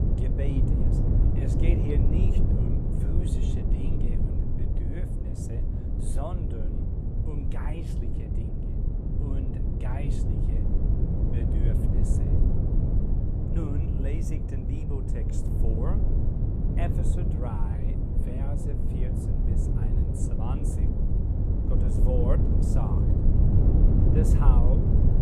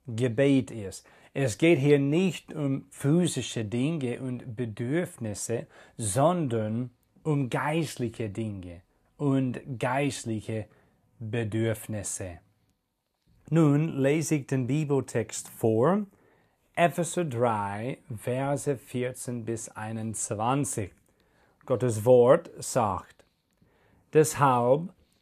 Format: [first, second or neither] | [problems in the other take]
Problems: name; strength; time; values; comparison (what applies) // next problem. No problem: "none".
second | wind noise on the microphone; heavy; 3 dB above the speech